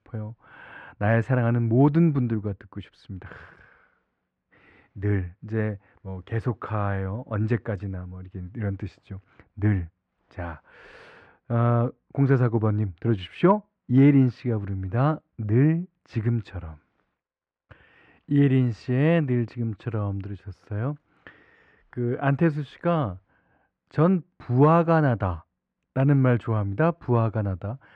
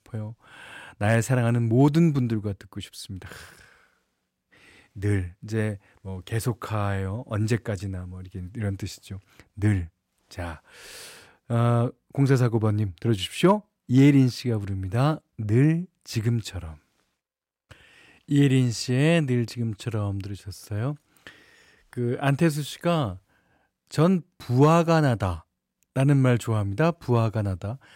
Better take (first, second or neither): second